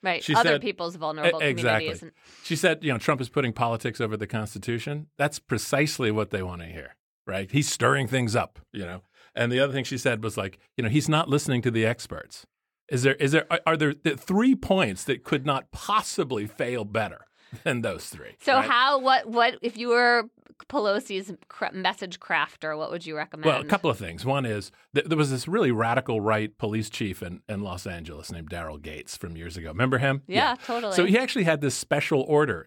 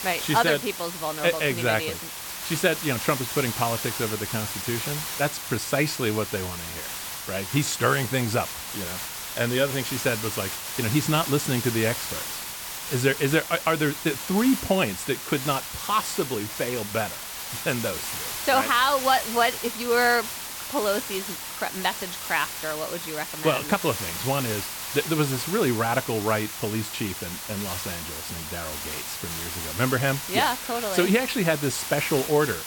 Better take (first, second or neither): first